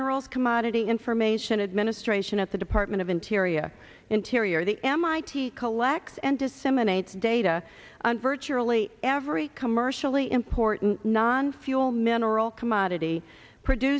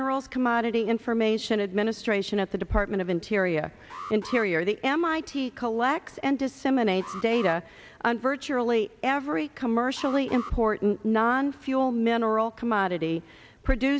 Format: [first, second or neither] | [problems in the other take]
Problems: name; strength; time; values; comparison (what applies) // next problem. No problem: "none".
first | background sound (Alarm); 18 dB below the speech